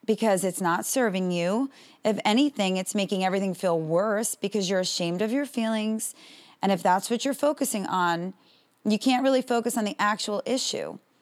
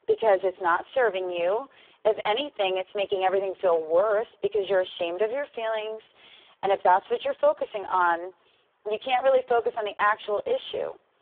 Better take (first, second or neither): first